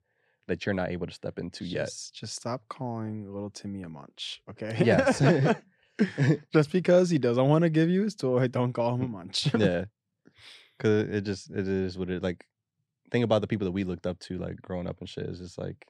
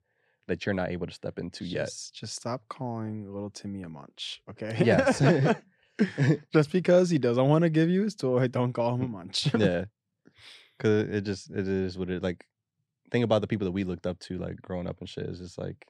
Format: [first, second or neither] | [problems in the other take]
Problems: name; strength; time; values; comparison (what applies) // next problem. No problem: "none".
neither | none